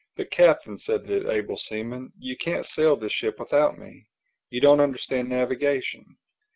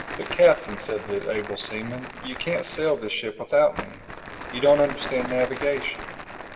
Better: first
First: none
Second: background sound (Crumpling, crinkling); 12 dB below the speech // room echo; dies away in 1.5 s

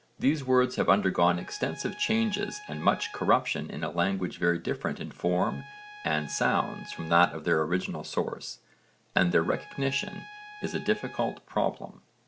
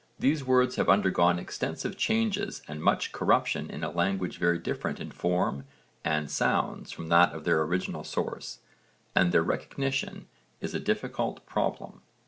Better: second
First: background sound (Trumpet); 20 dB below the speech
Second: none

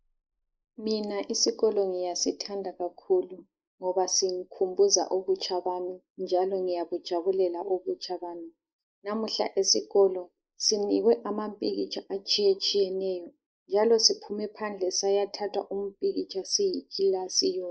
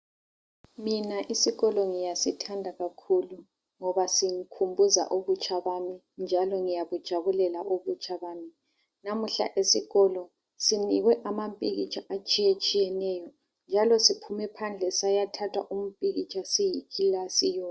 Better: second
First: noise reduction (neural mask model Resemble Enhance denoiser)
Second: none

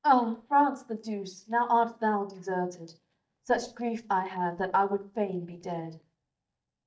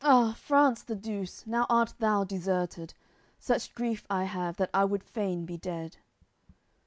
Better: second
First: noise reduction (neural mask model DeepFilterNet 3)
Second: none

